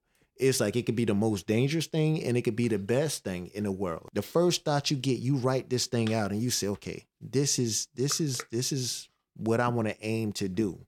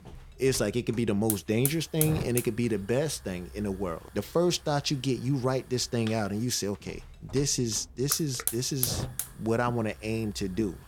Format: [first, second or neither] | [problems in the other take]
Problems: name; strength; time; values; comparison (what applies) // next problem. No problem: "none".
first | hiss; loud; throughout; 5 dB below the speech